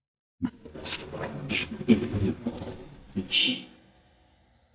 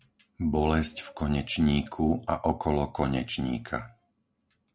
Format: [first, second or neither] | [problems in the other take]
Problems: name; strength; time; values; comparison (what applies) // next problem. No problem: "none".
second | noise reduction (neural mask model DeepFilterNet 3)